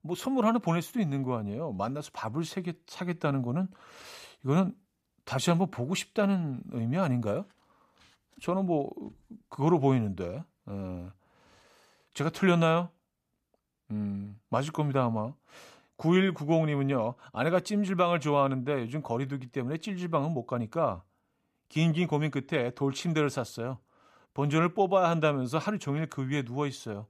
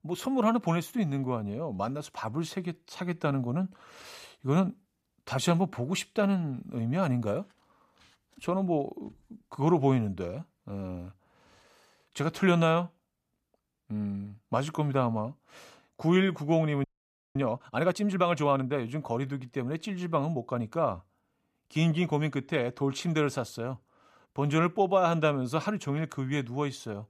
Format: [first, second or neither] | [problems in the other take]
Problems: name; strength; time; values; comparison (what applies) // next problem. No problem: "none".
first | audio freezing; at 17 s for 0.5 s